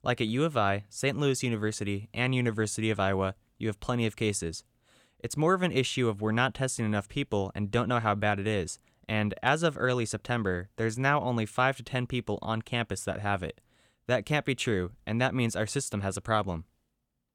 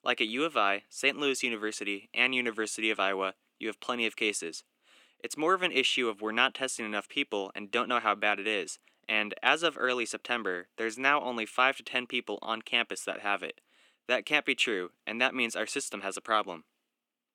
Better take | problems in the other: first | thin; somewhat; fading below 300 Hz

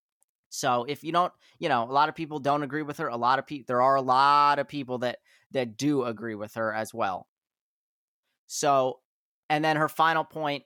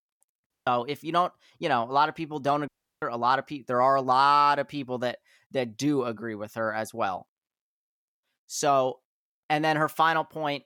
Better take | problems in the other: first | audio cutting out; at 0.5 s and at 2.5 s

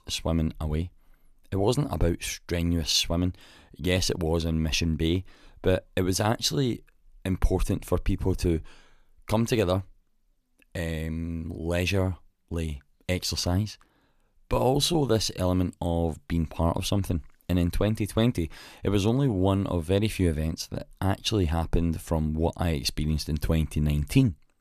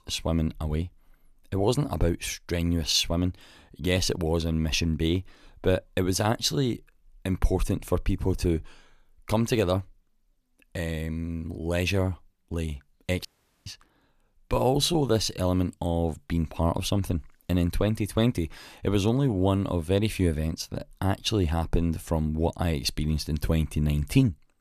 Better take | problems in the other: first | audio cutting out; at 13 s

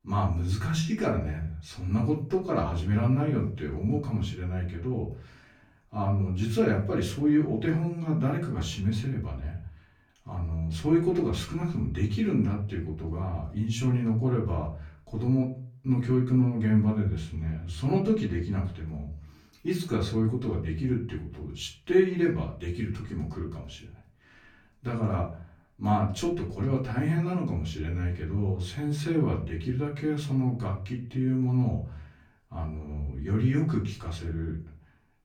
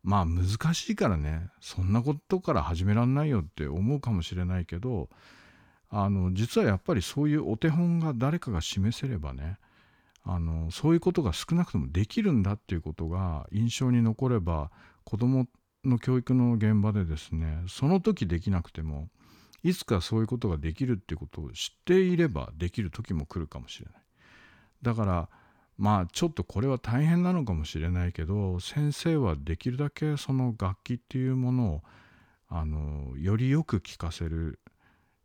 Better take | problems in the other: second | off-mic speech; far // room echo; slight; dies away in 0.4 s

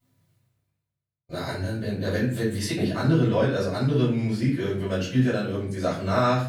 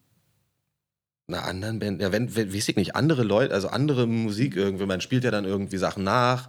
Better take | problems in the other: second | off-mic speech; far // room echo; noticeable; dies away in 0.5 s

